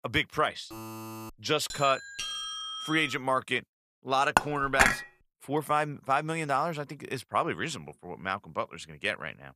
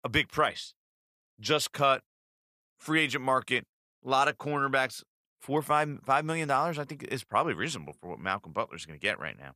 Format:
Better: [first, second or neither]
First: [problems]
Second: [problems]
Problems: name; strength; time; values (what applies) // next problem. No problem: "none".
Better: second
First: alarm; faint; at 0.5 s; peak 10 dB below the speech // doorbell; noticeable; from 1.5 to 3 s; peak 3 dB below the speech // clattering dishes; loud; at 4.5 s; peak 6 dB above the speech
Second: none